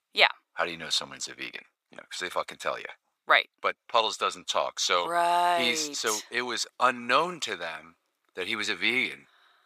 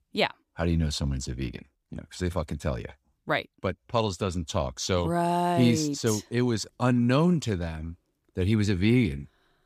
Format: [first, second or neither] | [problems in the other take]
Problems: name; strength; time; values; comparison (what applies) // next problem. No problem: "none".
second | thin; very; fading below 750 Hz